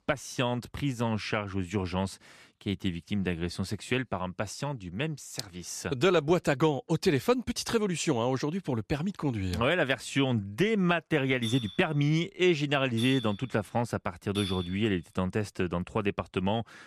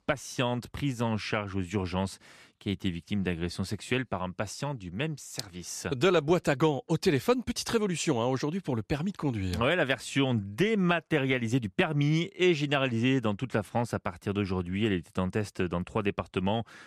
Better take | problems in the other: second | clattering dishes; noticeable; from 11 to 15 s; peak 7 dB below the speech

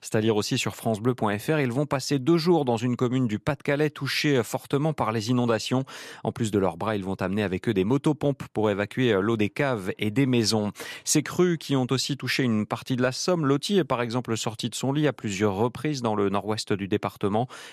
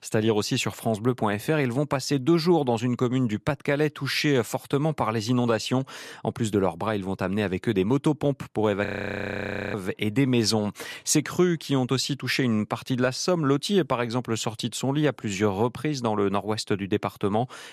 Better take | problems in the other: first | audio freezing; at 9 s for 1 s

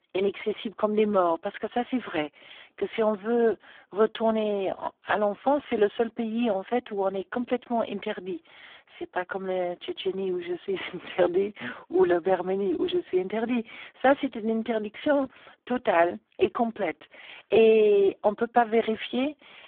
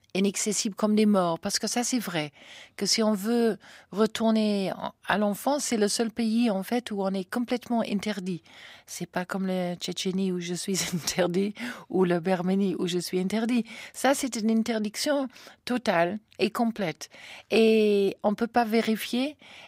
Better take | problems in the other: second | phone-call audio; poor line

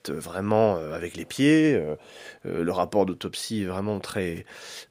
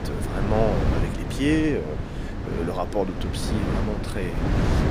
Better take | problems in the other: first | wind noise on the microphone; heavy; 4 dB below the speech

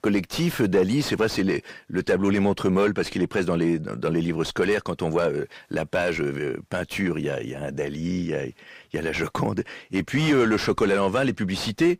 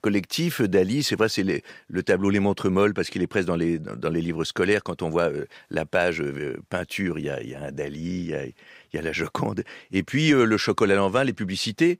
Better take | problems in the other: second | distortion; slight; 10 dB below the speech

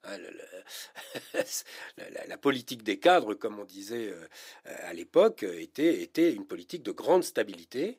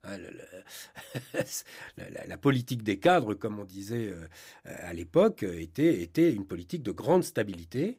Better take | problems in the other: second | thin; somewhat; fading below 400 Hz

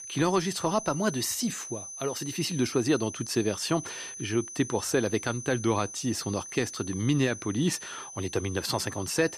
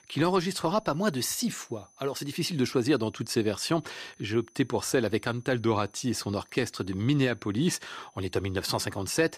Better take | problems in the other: second | high-pitched whine; loud; throughout; 6 kHz, 10 dB below the speech; faint in the second

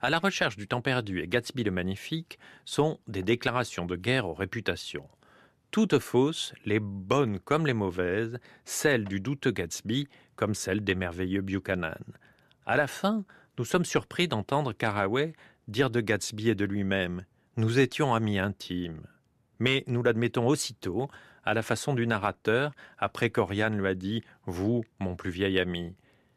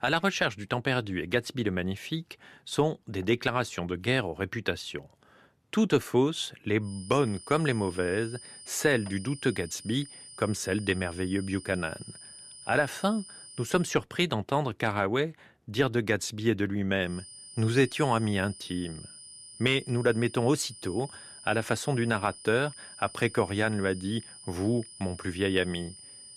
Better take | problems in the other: first | high-pitched whine; noticeable; from 7 to 14 s and from 17 s on; 9.5 kHz, 15 dB below the speech

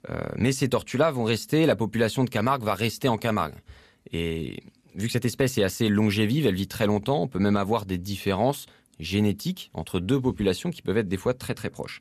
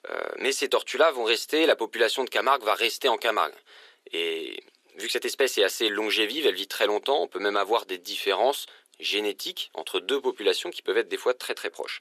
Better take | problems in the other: first | thin; very; fading below 350 Hz

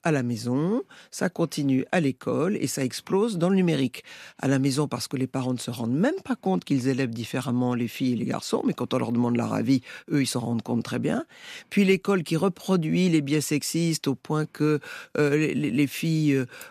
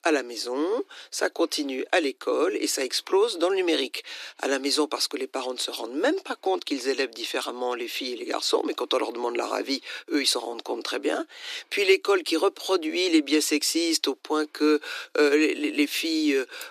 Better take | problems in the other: first | thin; somewhat; fading below 300 Hz

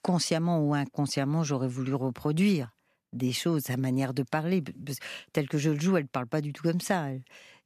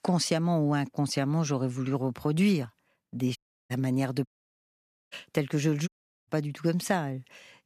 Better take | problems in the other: first | audio cutting out; at 3.5 s, at 4.5 s for 1 s and at 6 s

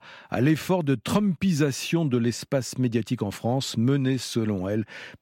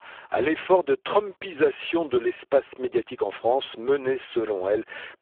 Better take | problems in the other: first | phone-call audio; poor line; nothing above 3.5 kHz

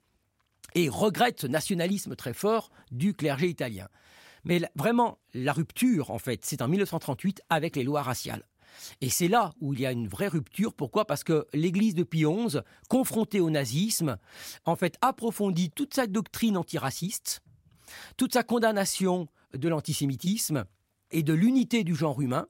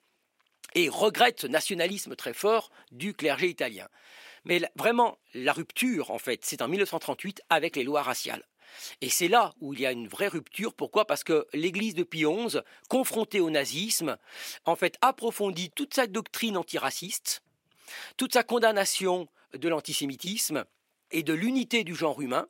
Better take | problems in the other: first | thin; somewhat; fading below 400 Hz

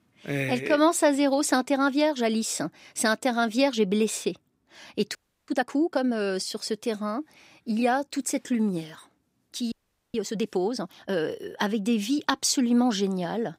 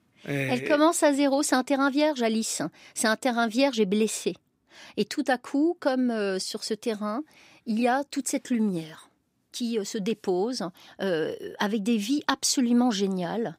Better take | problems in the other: second | audio freezing; at 5 s and at 9.5 s

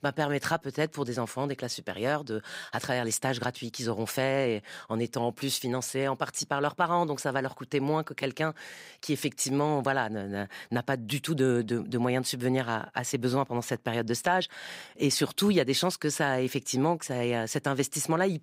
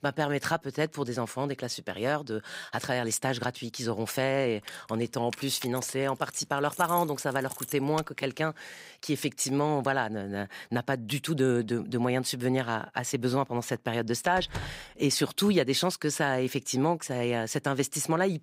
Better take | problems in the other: first | jangling keys; noticeable; from 4.5 to 8 s; peak 8 dB below the speech // door banging; faint; at 14 s; peak 10 dB below the speech

